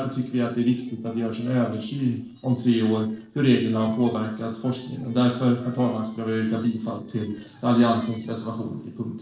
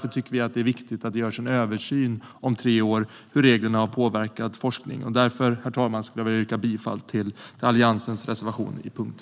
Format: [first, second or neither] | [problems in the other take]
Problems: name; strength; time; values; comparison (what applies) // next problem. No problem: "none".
second | noise reduction (neural separator model SepFormer DNS4)